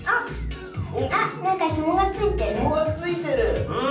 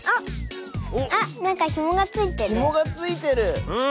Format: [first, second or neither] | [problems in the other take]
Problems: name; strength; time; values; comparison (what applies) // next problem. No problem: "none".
second | room echo; dies away in 0.6 s